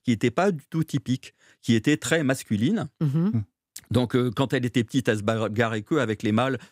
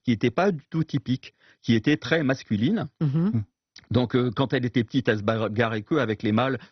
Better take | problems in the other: first | garbled, watery; badly; nothing above 6 kHz

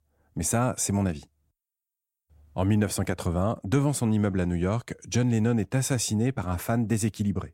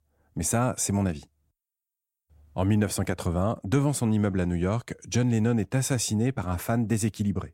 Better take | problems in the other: neither | none

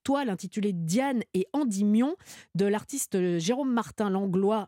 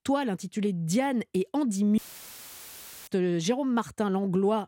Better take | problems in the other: first | audio cutting out; filled with static; at 2 s for 1 s

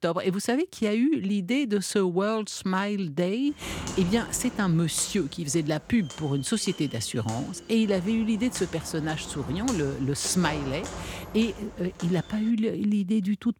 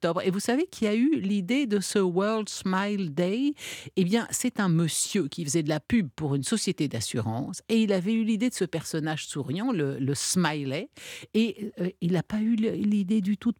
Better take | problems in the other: second | footsteps; noticeable; from 3.5 to 12 s; peak 8 dB below the speech

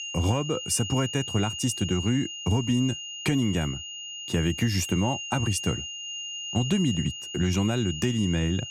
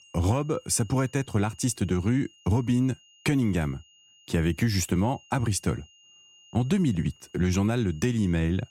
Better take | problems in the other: second | high-pitched whine; loud; throughout; 3 kHz, 7 dB below the speech; faint in the second

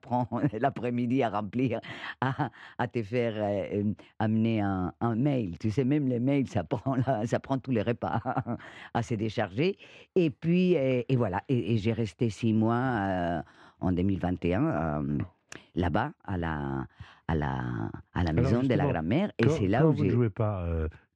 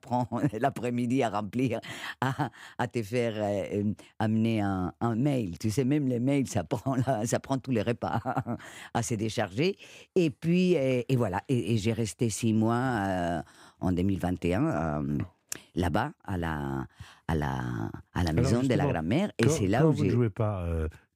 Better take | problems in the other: second | muffled; slightly; fading above 3.5 kHz

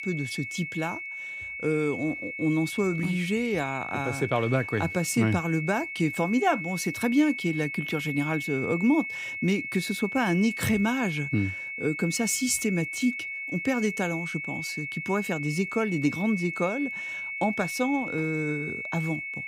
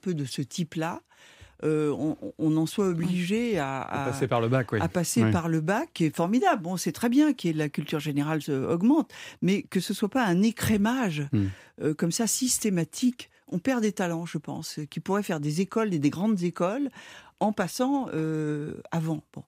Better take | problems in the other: second | high-pitched whine; loud; throughout; 2 kHz, 5 dB below the speech

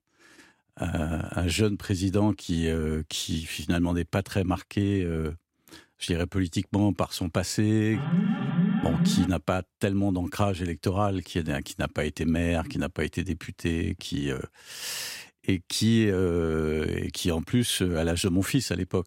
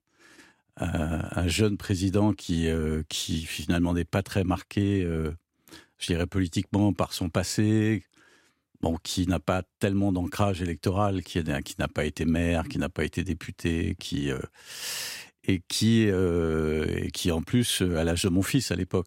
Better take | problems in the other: second | alarm; loud; from 8 to 9.5 s; peak 2 dB above the speech

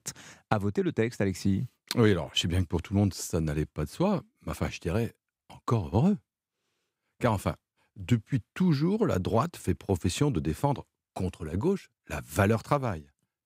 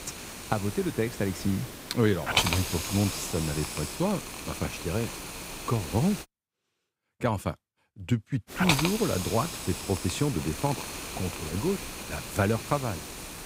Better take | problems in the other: first | hiss; loud; until 6 s and from 8.5 s on; 4 dB below the speech

